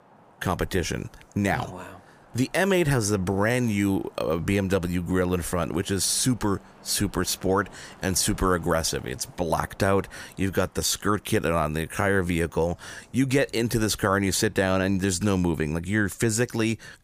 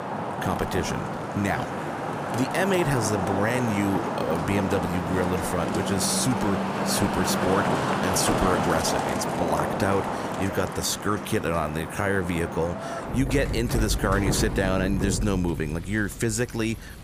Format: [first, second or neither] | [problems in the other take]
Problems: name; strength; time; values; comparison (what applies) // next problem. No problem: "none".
first | traffic noise; loud; throughout; 2 dB below the speech; faint in the first